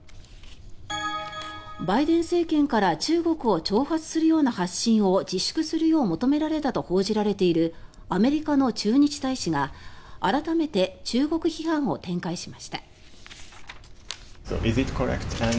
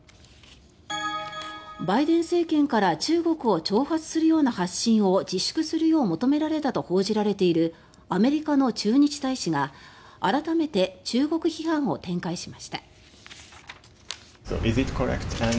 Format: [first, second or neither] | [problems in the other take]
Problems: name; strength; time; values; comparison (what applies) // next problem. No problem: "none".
second | background sound (Walk, footsteps); 19 dB below the speech